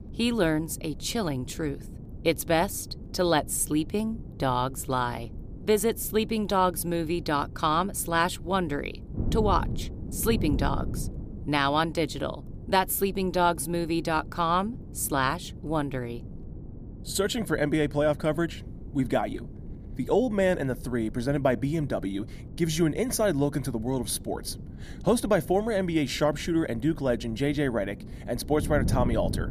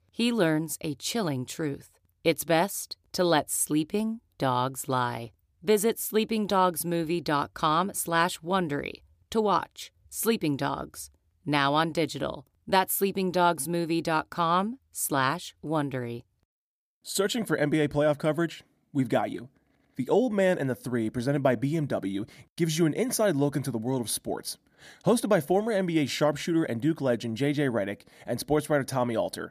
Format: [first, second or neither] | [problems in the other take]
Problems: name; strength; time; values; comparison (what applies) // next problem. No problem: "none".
second | wind noise on the microphone; occasional gusts; 20 dB below the speech